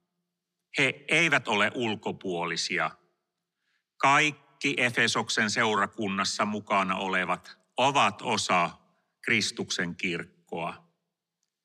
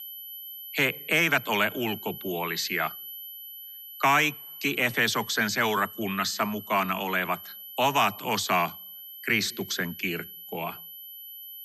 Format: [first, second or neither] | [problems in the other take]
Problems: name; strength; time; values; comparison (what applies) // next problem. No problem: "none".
first | high-pitched whine; noticeable; throughout; 12 kHz, 15 dB below the speech